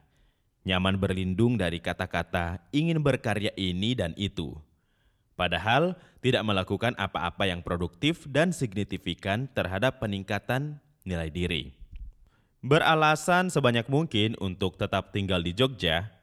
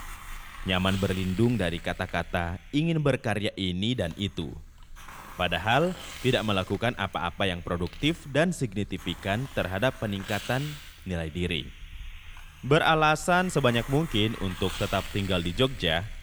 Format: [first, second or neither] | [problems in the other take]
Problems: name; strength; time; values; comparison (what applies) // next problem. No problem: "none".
first | hiss; noticeable; throughout; 15 dB below the speech